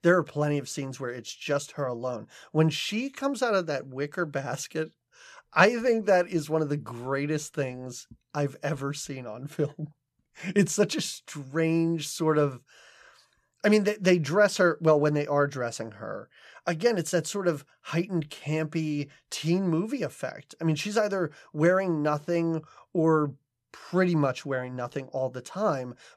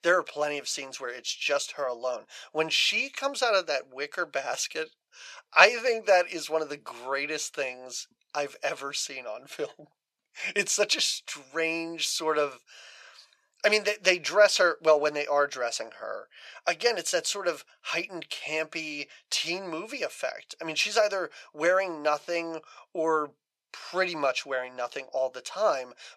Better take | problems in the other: first | thin; very; fading below 600 Hz

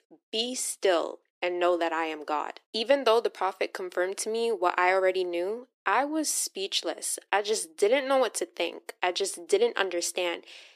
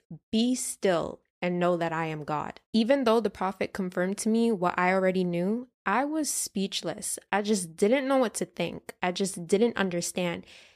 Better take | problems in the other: second | thin; somewhat; fading below 300 Hz

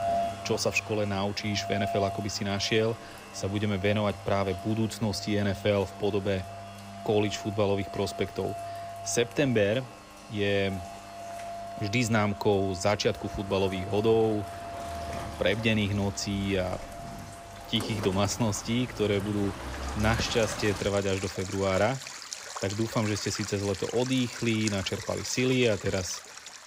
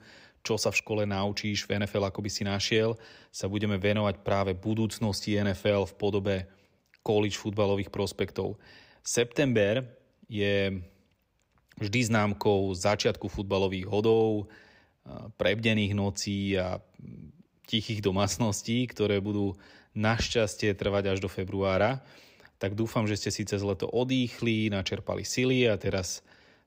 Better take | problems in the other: second | rain or running water; noticeable; throughout; 10 dB below the speech

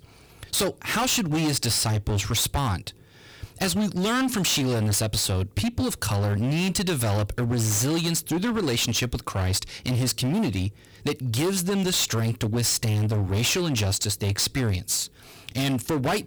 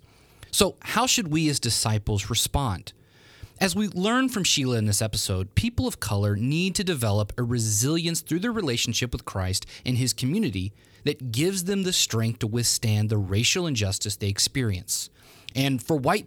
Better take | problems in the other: second | distortion; heavy; 25% of the sound clipped

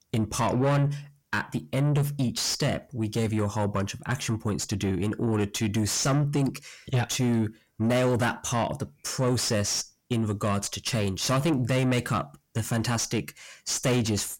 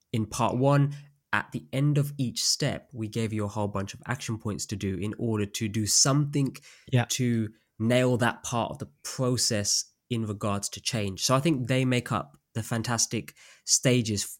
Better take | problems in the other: second | distortion; heavy; 7 dB below the speech

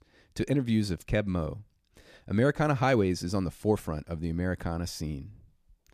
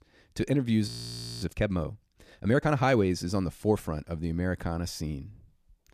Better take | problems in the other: first | audio freezing; at 1 s for 0.5 s

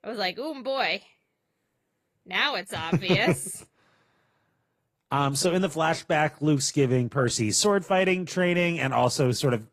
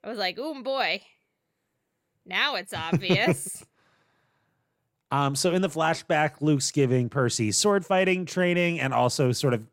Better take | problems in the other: second | garbled, watery; slightly; nothing above 14 kHz

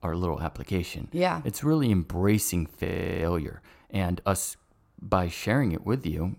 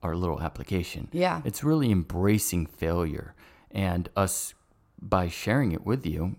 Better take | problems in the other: second | audio freezing; at 3 s

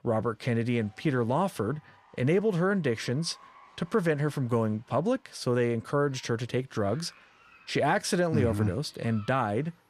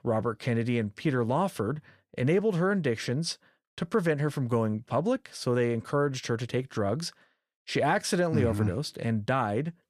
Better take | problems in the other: second | crowd noise; faint; throughout; 30 dB below the speech

